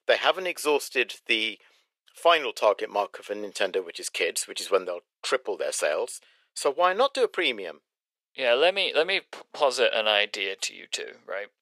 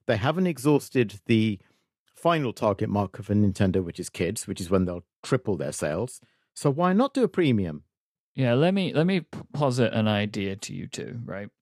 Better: second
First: thin; very; fading below 500 Hz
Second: none

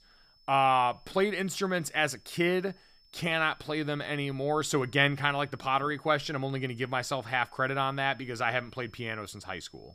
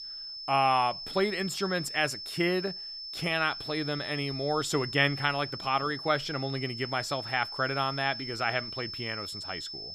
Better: first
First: high-pitched whine; faint; throughout; 5.5 kHz, 30 dB below the speech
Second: high-pitched whine; loud; throughout; 5.5 kHz, 7 dB below the speech

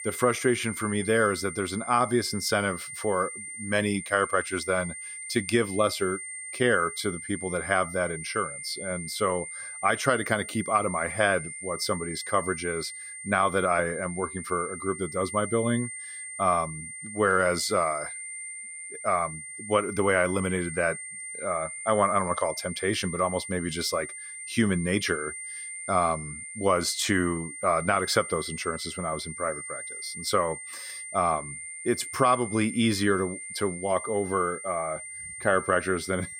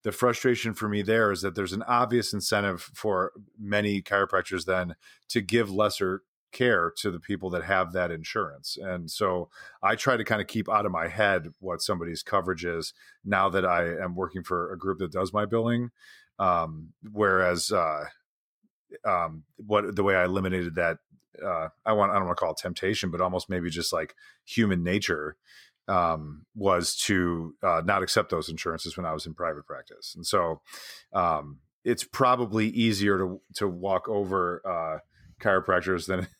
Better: second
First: high-pitched whine; loud; throughout; 2 kHz, 9 dB below the speech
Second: none

